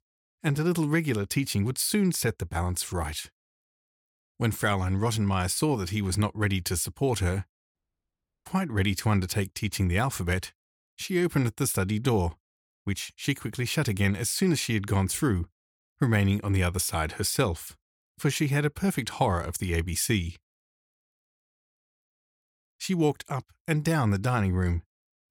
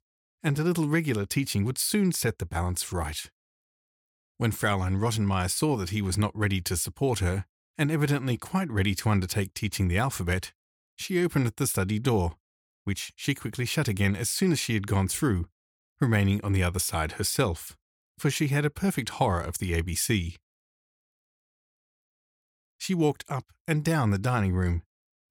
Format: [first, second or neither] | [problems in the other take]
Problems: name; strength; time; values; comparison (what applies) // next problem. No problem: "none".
second | audio cutting out; at 7.5 s for 0.5 s